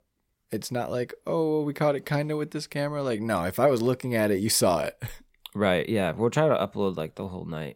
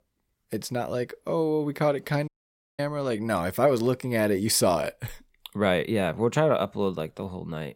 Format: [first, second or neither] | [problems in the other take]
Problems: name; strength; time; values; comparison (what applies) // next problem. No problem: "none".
first | audio cutting out; at 2.5 s for 0.5 s